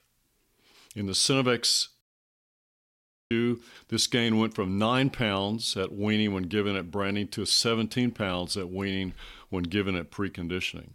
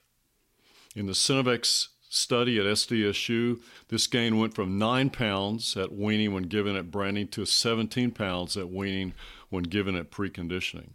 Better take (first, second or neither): second